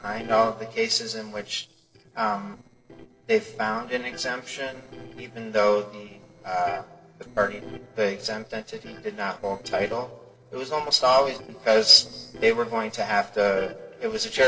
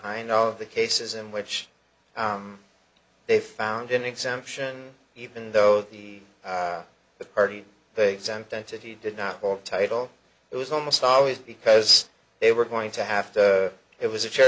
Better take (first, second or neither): second